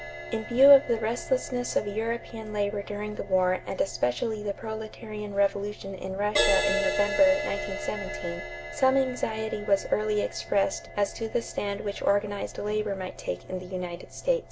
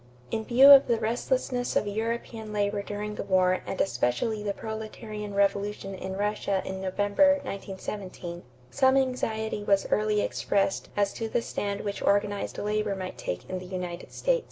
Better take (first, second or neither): second